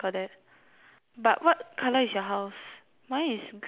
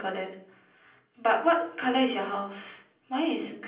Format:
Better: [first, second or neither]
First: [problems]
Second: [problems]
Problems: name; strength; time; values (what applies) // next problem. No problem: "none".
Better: first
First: none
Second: room echo; dies away in 0.6 s